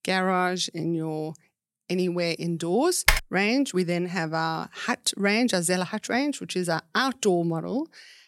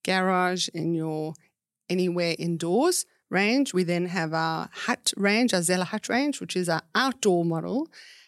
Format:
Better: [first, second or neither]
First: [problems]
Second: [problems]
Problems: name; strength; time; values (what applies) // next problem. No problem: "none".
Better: second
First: keyboard typing; loud; at 3 s; peak 3 dB above the speech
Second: none